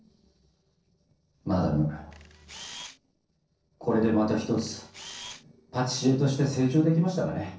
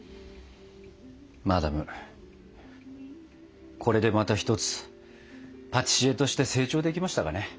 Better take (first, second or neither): second